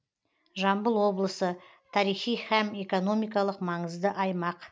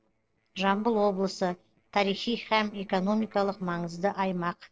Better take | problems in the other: first | noise reduction (neural separator model SepFormer DNS4)

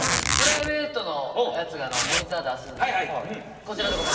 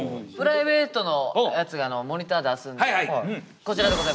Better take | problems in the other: second | background sound (Zipper (clothing)); 1 dB below the speech // room echo; dies away in 2.2 s

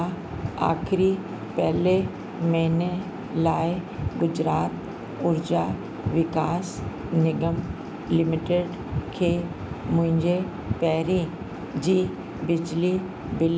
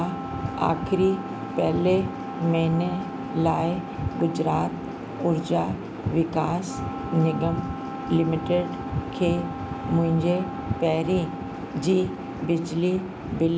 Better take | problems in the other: first | background sound (Wind instrument, woodwind instrument); 12 dB below the speech

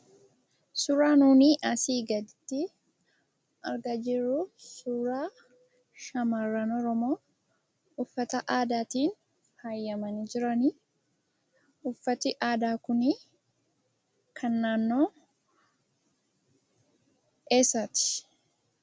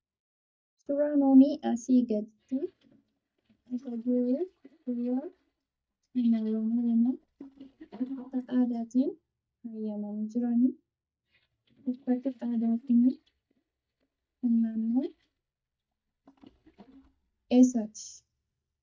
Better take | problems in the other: first | noise reduction (neural mask model DeepFilterNet 3)

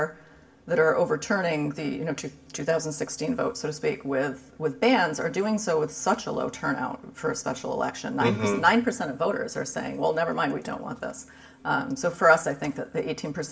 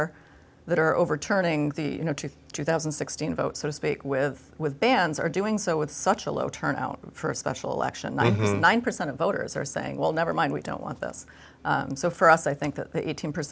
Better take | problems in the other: second | room echo; dies away in 0.4 s

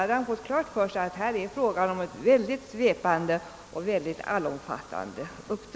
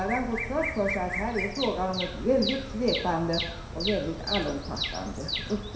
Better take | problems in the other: first | background sound (Bird vocalization, bird call, bird song); 5 dB below the speech // room echo; dies away in 0.7 s

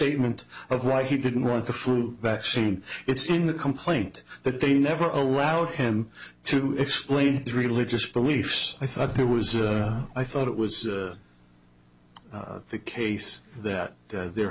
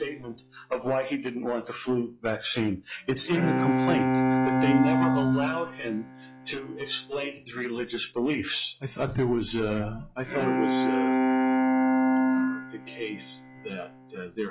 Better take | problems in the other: first | noise reduction (classical method log-MMSE)

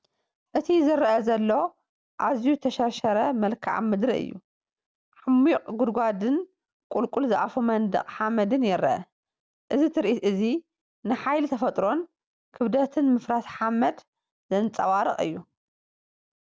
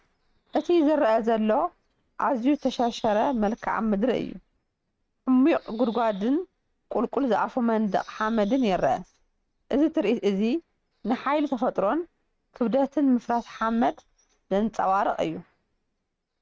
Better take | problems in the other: first | noise reduction (neural mask model RNNoise)

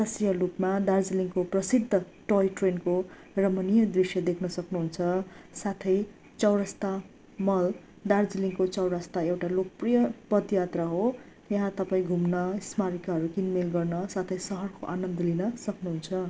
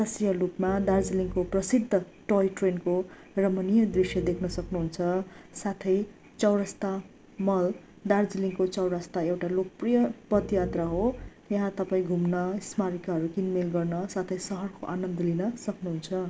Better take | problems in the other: first | background sound (Piano); 10 dB below the speech

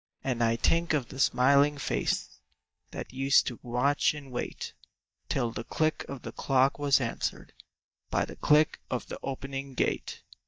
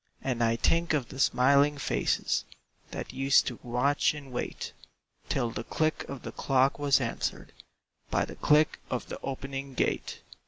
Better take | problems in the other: second | noise reduction (neural mask model DeepFilterNet 3)

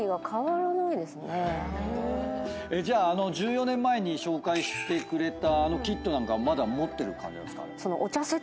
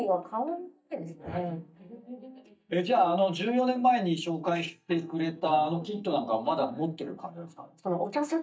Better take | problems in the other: first | noise reduction (neural mask model DeepFilterNet 3)

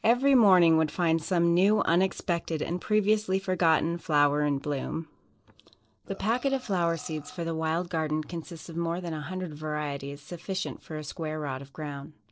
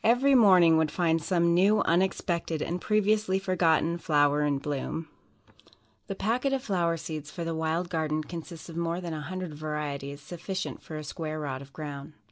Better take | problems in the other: second | noise reduction (neural separator model SepFormer DNS4)

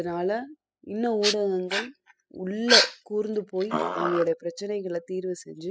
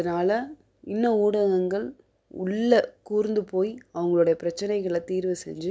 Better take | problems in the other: second | noise reduction (classical method spectral subtraction)

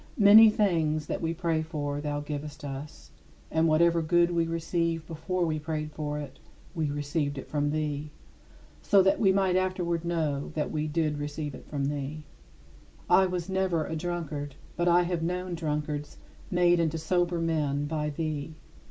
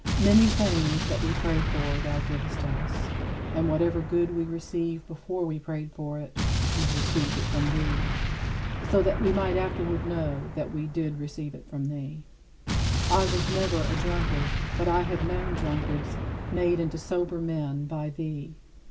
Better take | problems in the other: first | background sound (Explosion); 1 dB below the speech

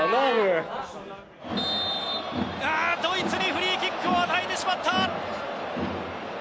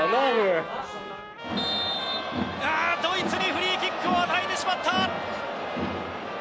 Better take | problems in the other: first | background sound (Trumpet); 12 dB below the speech

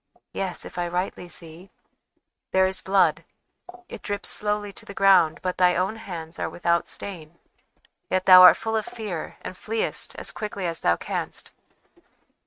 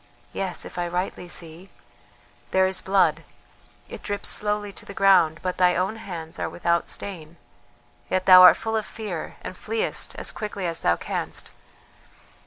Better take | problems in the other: second | noise reduction (neural mask model RNNoise)

